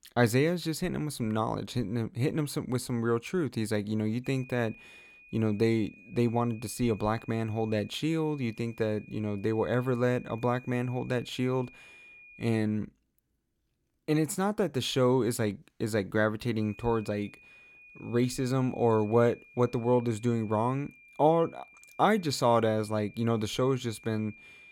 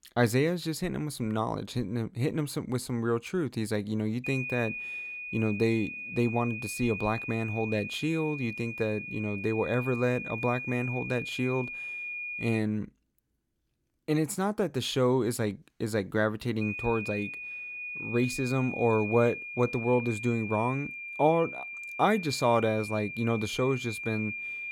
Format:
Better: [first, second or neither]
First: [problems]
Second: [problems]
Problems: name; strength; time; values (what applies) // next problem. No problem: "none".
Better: first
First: high-pitched whine; faint; from 4 to 13 s and from 17 s on; 2.5 kHz, 25 dB below the speech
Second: high-pitched whine; loud; from 4 to 13 s and from 17 s on; 2.5 kHz, 7 dB below the speech